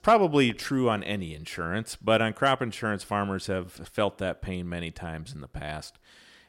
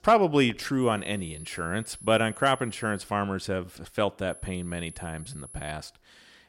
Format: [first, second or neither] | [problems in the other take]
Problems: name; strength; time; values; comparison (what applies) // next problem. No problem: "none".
first | high-pitched whine; noticeable; from 1 to 3 s and from 4.5 to 5.5 s; 10.5 kHz, 15 dB below the speech